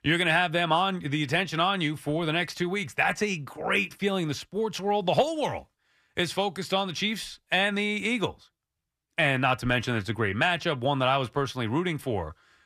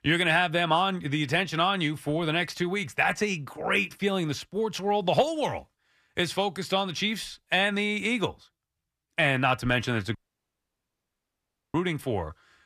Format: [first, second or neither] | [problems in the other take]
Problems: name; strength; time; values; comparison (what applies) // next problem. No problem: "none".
first | audio cutting out; at 10 s for 1.5 s